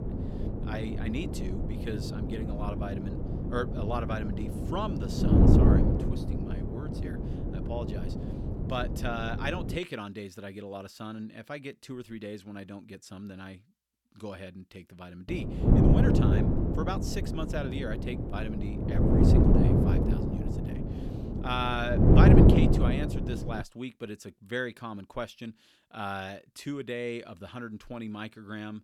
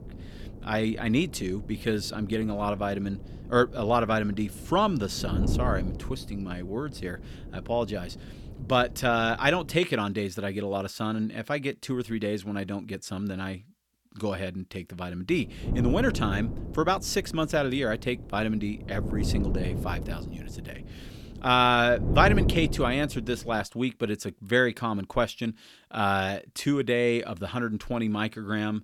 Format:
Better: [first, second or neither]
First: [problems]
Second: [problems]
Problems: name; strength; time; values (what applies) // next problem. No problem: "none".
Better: second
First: wind noise on the microphone; heavy; until 10 s and from 15 to 24 s; 3 dB above the speech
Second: wind noise on the microphone; occasional gusts; until 10 s and from 15 to 24 s; 15 dB below the speech